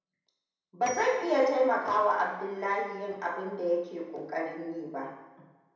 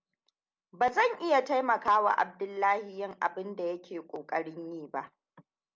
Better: second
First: background sound (Bell / Telephone); 18 dB below the speech // room echo; dies away in 0.9 s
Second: none

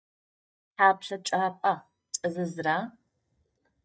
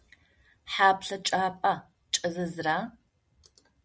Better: second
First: noise reduction (neural mask model DeepFilterNet 3)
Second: none

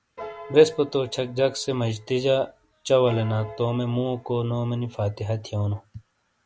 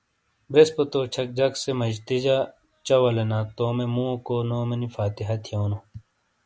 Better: second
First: background sound (Piano); 18 dB below the speech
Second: none

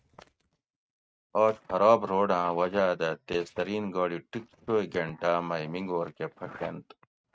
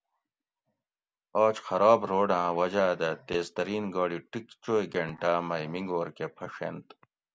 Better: second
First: noise reduction (neural mask model RNNoise)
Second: none

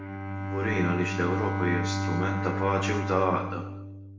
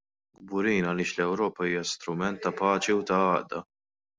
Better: second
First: background sound (Bowed string instrument); 1 dB below the speech // room echo; dies away in 0.8 s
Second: none

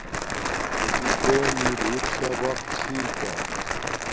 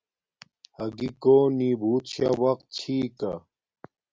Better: second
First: background sound (Crumpling, crinkling); 4 dB above the speech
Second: none

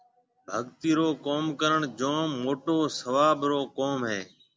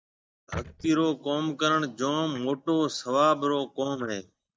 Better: first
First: none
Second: noise reduction (neural mask model DeepFilterNet 3)

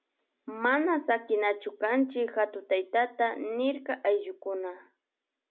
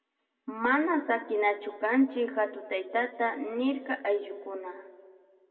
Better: first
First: none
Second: room echo; dies away in 1.4 s

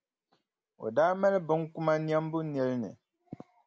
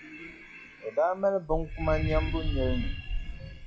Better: first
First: none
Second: noise reduction (classical method log-MMSE)

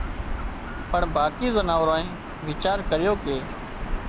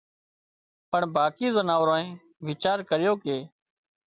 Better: second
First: background sound (Gull, seagull / Ocean); 4 dB below the speech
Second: none

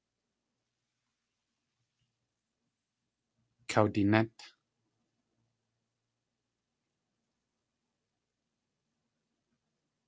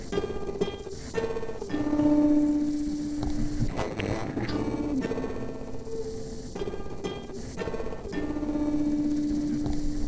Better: first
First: none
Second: noise reduction (neural separator model SepFormer DNS4)

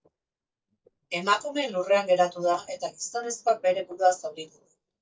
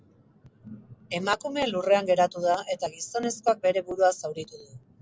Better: second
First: noise reduction (neural mask model DeepFilterNet 3)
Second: none

